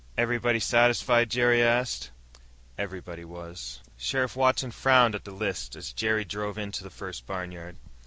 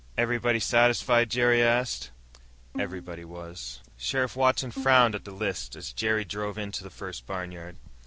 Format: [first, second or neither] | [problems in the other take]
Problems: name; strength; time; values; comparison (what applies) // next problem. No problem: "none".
first | background sound (Bowed string instrument); 15 dB below the speech